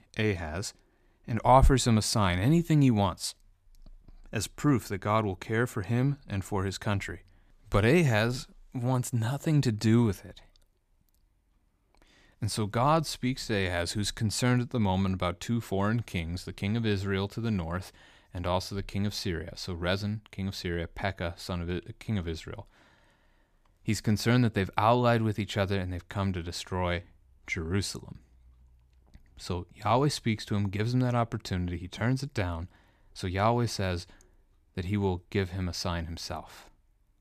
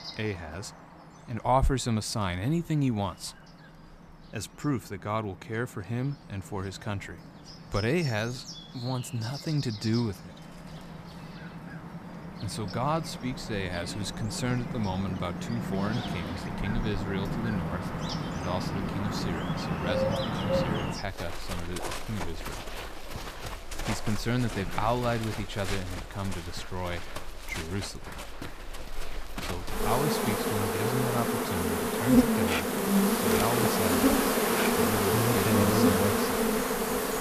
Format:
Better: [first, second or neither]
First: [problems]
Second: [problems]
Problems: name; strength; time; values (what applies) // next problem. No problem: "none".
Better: first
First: none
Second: animal sounds; very loud; throughout; 3 dB above the speech